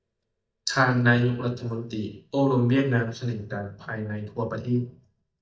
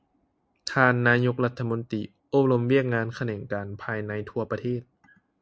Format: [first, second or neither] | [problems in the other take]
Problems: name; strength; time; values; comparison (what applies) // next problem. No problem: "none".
second | noise reduction (neural mask model DeepFilterNet 3)